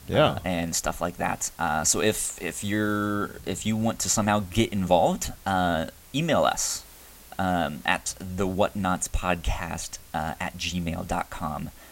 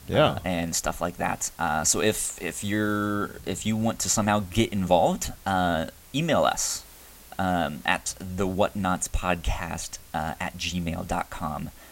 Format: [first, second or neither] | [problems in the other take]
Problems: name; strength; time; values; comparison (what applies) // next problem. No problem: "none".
neither | hiss; faint; throughout; 20 dB below the speech; the same in both